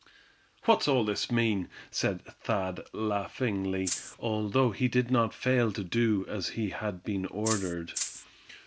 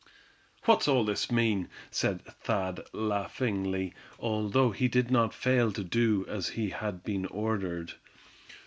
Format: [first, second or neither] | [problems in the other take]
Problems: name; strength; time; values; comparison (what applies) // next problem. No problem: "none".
second | background sound (Rattle (instrument)); 5 dB below the speech